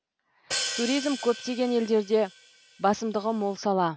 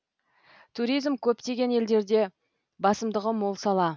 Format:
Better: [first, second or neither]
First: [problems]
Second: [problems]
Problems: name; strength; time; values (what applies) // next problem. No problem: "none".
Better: second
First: background sound (Hi-hat); 10 dB below the speech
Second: none